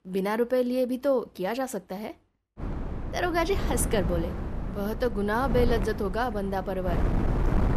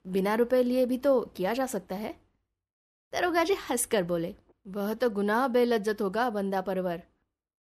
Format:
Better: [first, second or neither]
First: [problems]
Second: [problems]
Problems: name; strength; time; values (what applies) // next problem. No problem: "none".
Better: second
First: wind noise on the microphone; heavy; from 2.5 s on; 10 dB below the speech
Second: none